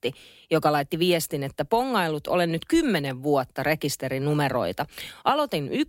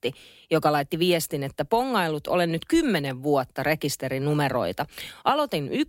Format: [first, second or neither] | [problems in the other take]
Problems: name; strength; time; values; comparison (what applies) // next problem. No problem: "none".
neither | none